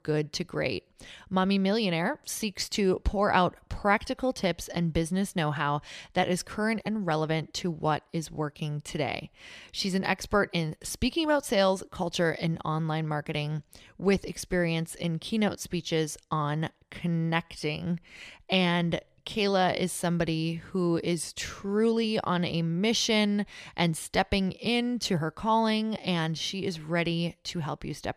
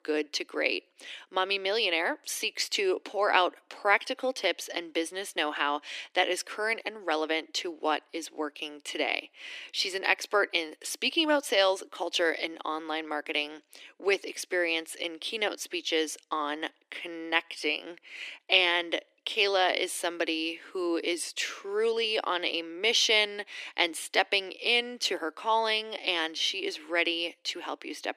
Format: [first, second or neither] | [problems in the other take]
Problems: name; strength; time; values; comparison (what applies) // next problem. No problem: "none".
first | thin; very; fading below 300 Hz